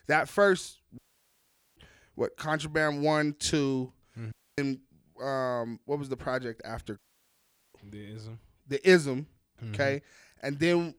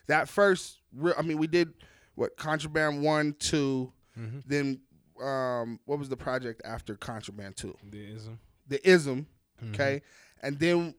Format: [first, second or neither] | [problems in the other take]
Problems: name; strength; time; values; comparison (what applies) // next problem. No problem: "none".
second | audio cutting out; at 1 s for 1 s, at 4.5 s and at 7 s for 1 s